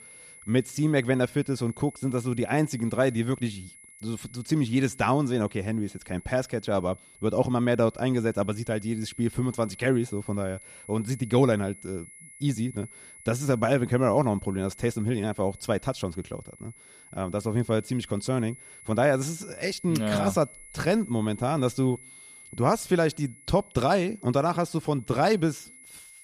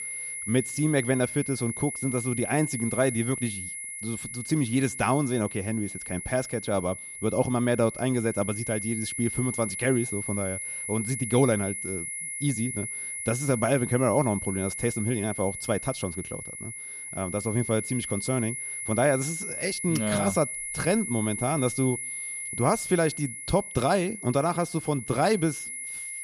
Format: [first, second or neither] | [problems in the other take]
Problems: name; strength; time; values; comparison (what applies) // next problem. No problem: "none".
first | high-pitched whine; loud; throughout; 10.5 kHz, 6 dB below the speech; faint in the first